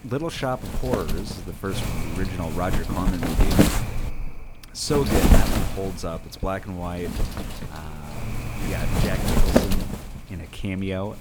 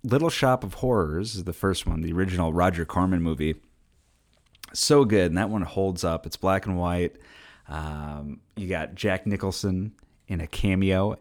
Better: second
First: wind noise on the microphone; heavy; 2 dB above the speech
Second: none

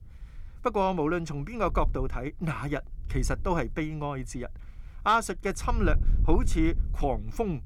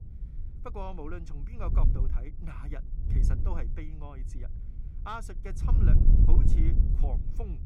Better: first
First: wind noise on the microphone; occasional gusts; 20 dB below the speech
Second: wind noise on the microphone; heavy; 1 dB below the speech

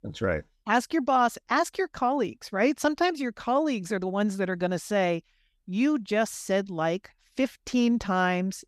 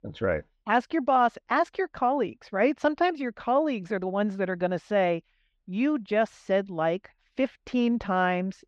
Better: first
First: none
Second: muffled; slightly; fading above 2.5 kHz

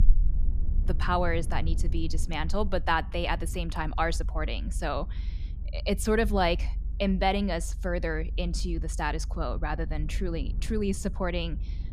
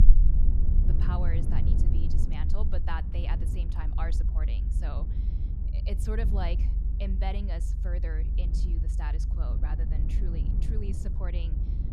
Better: first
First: low rumble; faint; throughout; 20 dB below the speech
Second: low rumble; loud; throughout; 4 dB below the speech

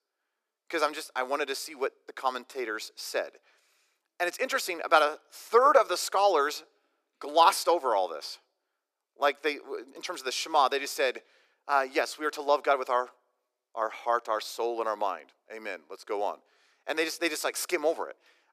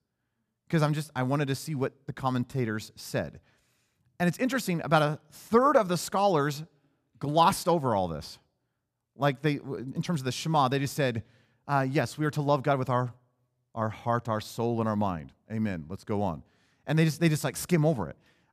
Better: second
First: thin; very; fading below 350 Hz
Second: none

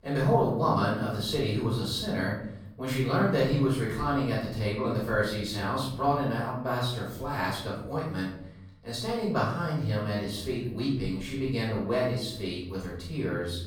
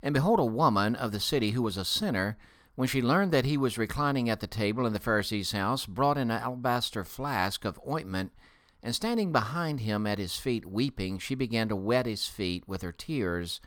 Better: second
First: off-mic speech; far // room echo; noticeable; dies away in 0.8 s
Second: none

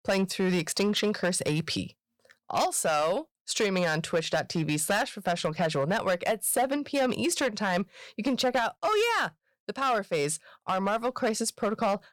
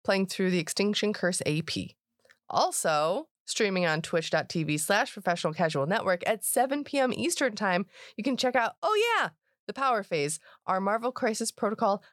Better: second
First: distortion; slight; 7% of the sound clipped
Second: none

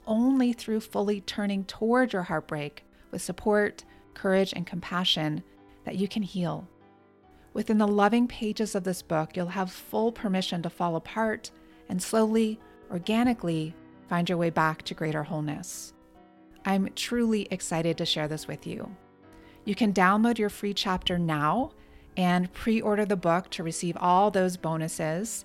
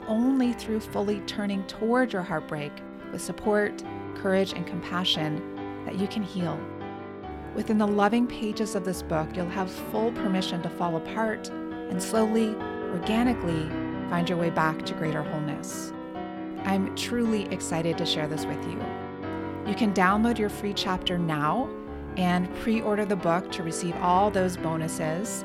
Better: first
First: background music; faint; throughout; 30 dB below the speech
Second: background music; loud; throughout; 8 dB below the speech

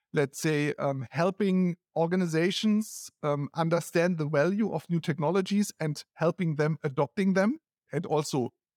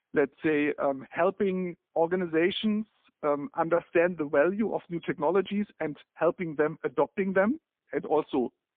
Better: first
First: none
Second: phone-call audio; poor line; nothing above 3.5 kHz

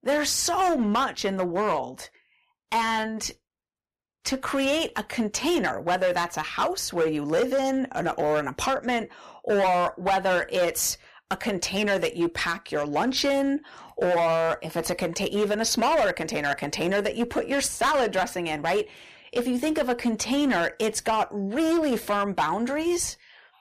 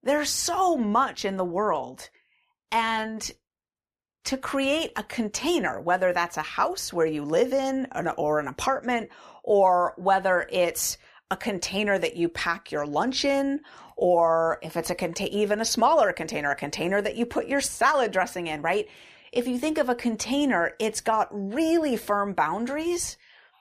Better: second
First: distortion; slight; 10% of the sound clipped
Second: none

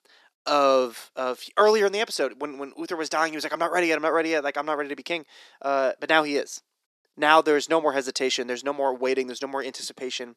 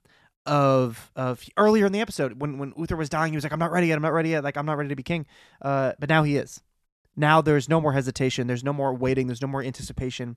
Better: second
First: thin; somewhat; fading below 300 Hz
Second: none

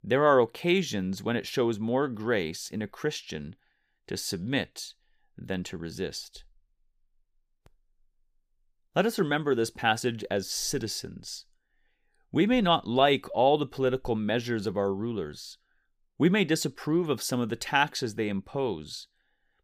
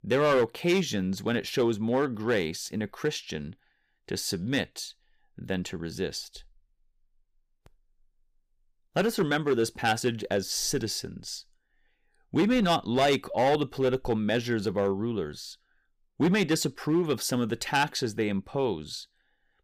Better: first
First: none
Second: distortion; slight; 3% of the sound clipped

